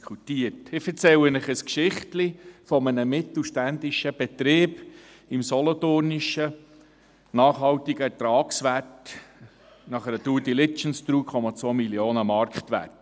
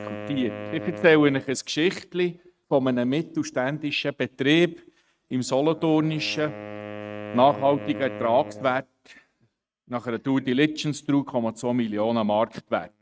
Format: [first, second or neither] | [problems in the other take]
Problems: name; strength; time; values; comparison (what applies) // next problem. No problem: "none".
first | noise reduction (neural mask model RNNoise)